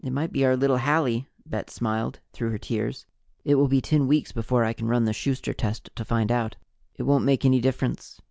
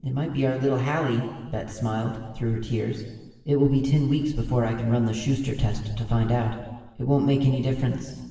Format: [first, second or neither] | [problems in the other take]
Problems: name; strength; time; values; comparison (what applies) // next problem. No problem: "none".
first | room echo; dies away in 1.3 s